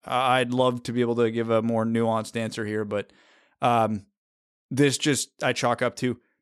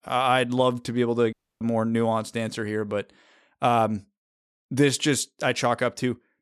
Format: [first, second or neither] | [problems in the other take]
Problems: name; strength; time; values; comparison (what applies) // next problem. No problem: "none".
first | audio cutting out; at 1.5 s